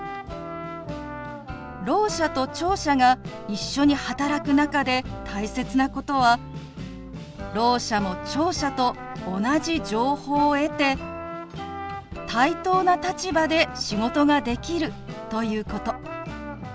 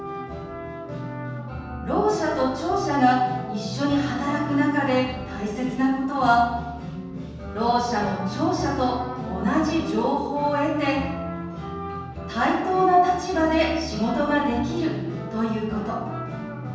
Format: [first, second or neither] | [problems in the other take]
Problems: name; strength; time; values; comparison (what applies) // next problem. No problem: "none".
first | room echo; dies away in 1.1 s